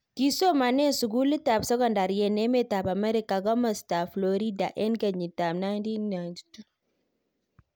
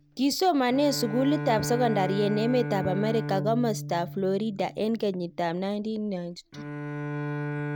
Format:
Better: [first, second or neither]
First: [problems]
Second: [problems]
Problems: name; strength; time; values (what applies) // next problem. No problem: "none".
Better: first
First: none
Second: background sound (Bowed string instrument); 7 dB below the speech